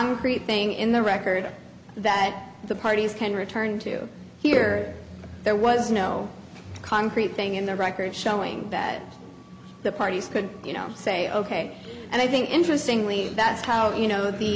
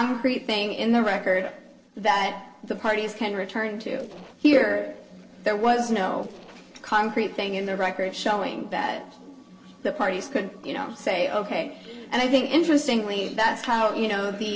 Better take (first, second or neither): first